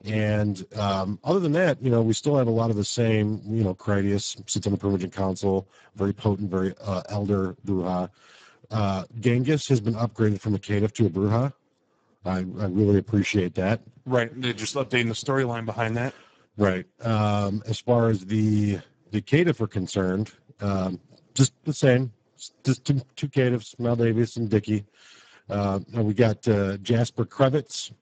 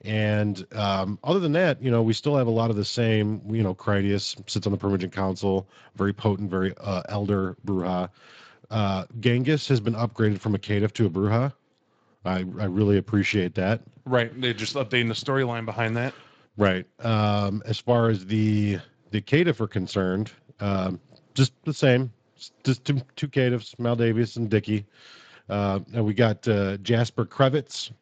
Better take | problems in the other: second | garbled, watery; badly; nothing above 7.5 kHz; slightly in the second

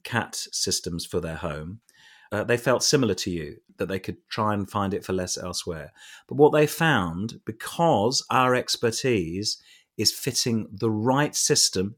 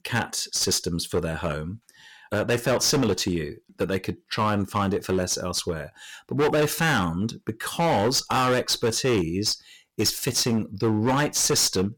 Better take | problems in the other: first | distortion; heavy; 12% of the sound clipped

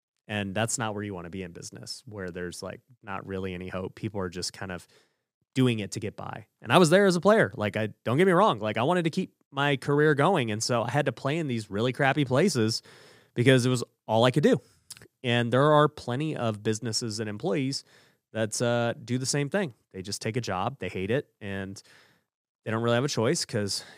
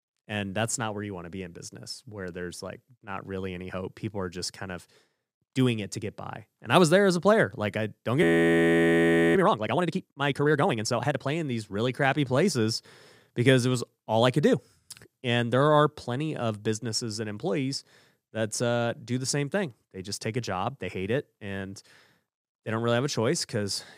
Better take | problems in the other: first | audio freezing; at 8 s for 1 s

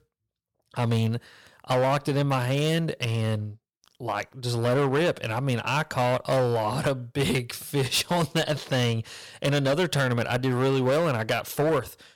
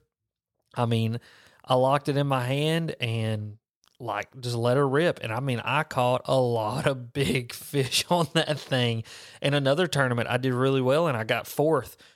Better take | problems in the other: second | distortion; slight; 10% of the sound clipped

